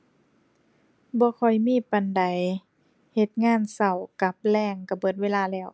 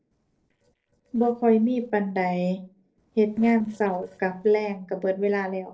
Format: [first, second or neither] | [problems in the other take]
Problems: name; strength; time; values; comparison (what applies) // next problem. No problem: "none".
first | noise reduction (neural separator model SepFormer DNS4)